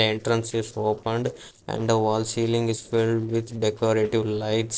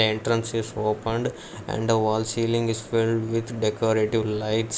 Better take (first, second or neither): second